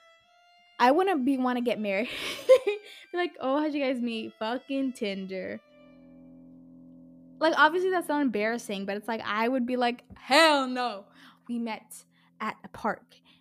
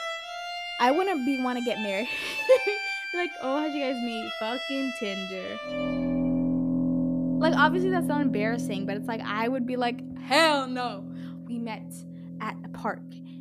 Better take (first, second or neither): first